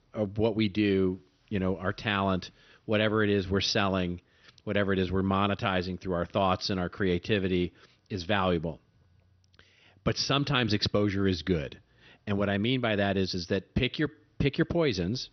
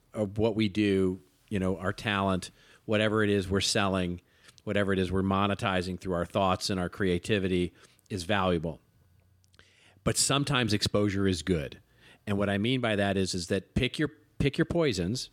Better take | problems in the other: second | garbled, watery; slightly; nothing above 6 kHz

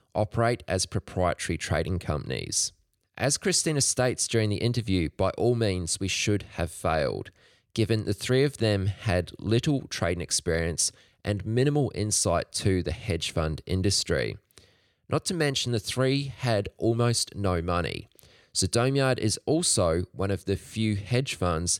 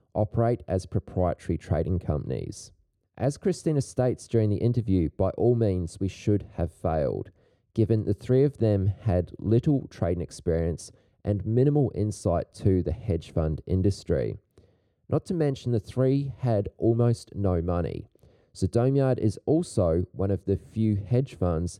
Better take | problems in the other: first | muffled; very; fading above 1 kHz

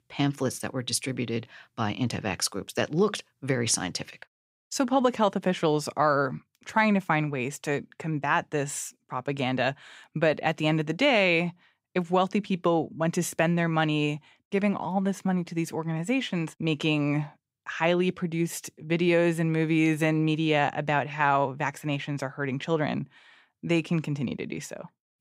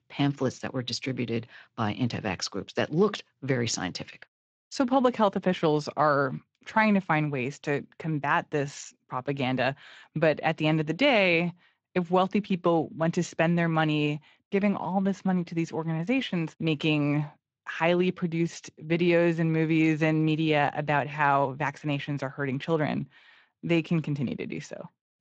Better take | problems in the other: first | garbled, watery; slightly; nothing above 7.5 kHz

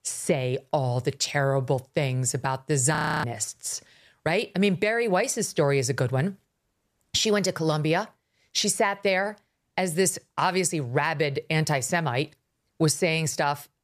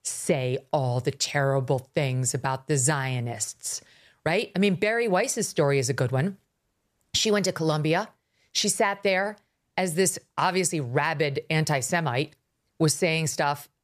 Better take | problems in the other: second | audio freezing; at 3 s

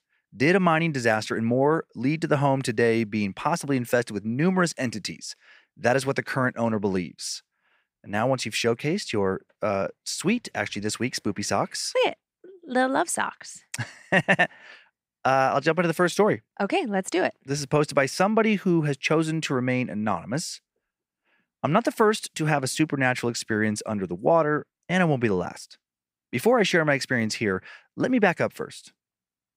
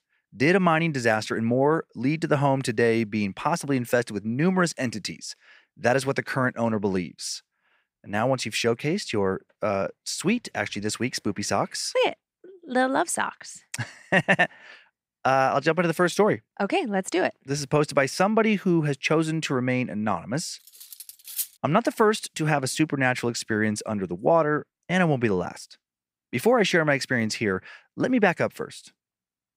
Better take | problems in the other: first | clattering dishes; noticeable; at 21 s; peak 6 dB below the speech

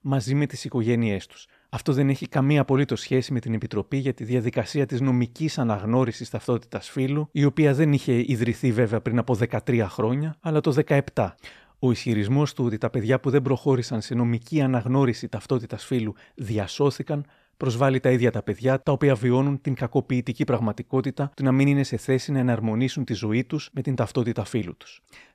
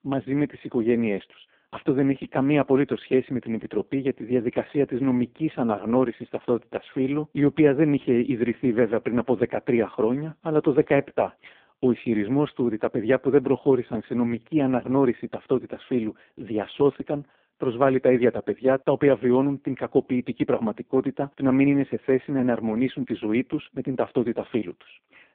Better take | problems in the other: first | phone-call audio; poor line

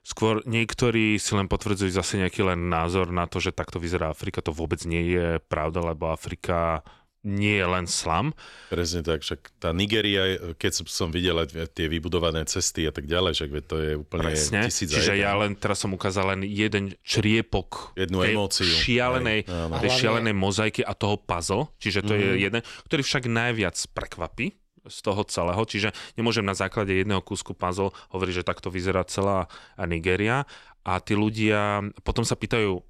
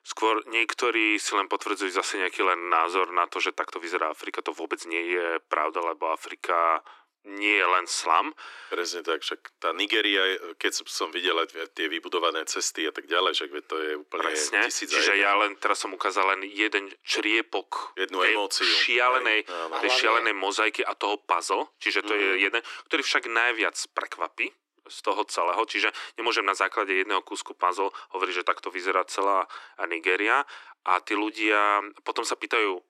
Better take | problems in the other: first | thin; very; fading below 300 Hz

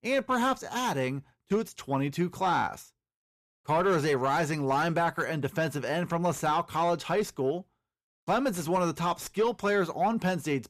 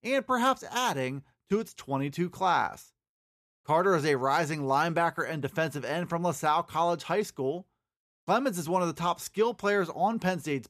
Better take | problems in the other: second | distortion; slight; 10 dB below the speech

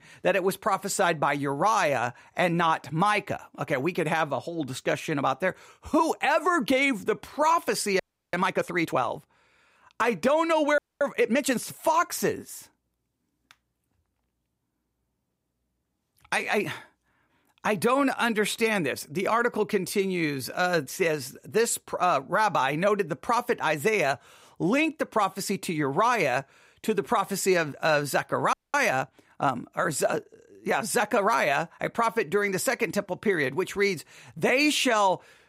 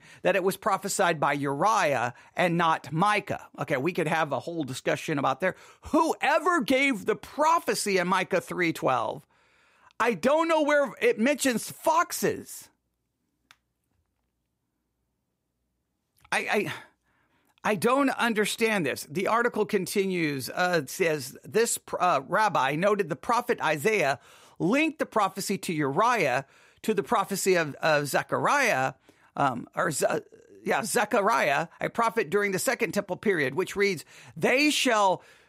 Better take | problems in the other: second | audio freezing; at 8 s, at 11 s and at 29 s

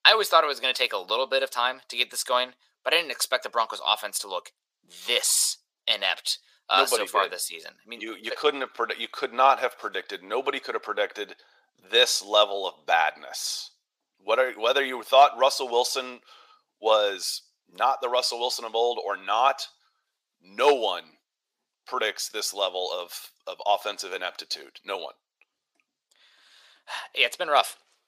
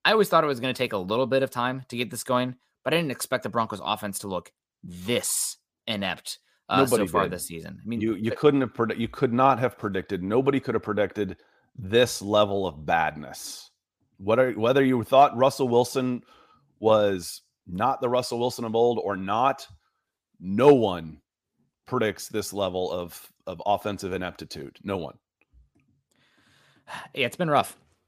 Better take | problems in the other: second | thin; very; fading below 550 Hz

